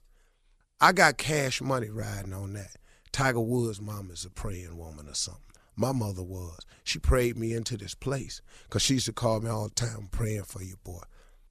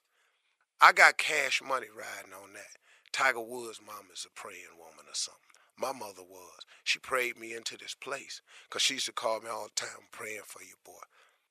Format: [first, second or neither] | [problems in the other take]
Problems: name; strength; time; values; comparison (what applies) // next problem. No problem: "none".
first | thin; very; fading below 650 Hz